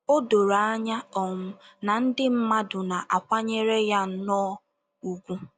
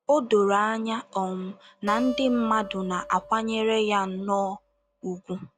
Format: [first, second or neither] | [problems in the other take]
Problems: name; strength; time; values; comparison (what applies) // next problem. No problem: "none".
first | background sound (Acoustic guitar); 14 dB below the speech